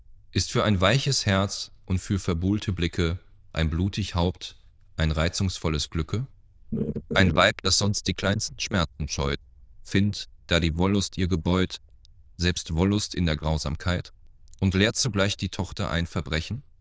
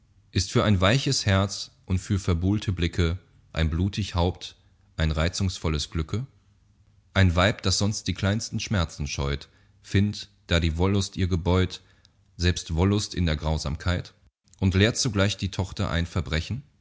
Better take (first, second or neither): second